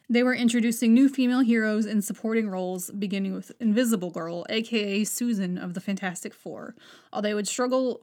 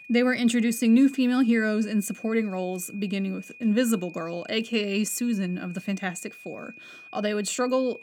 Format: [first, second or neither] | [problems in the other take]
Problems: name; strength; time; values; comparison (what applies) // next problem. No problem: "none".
first | high-pitched whine; noticeable; throughout; 2.5 kHz, 20 dB below the speech